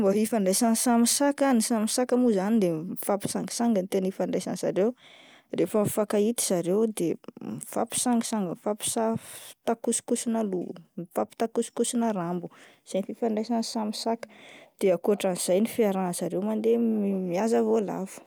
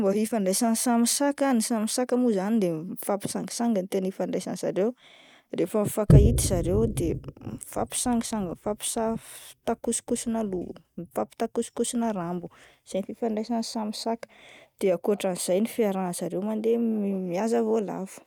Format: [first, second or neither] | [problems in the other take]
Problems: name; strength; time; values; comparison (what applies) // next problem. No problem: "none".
first | noise reduction (neural mask model RNNoise)